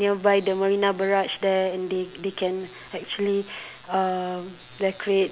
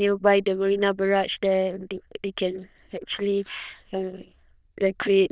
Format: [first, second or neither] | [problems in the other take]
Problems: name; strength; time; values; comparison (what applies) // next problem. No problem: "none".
first | noise reduction (neural diffusion model UNIVERSE++)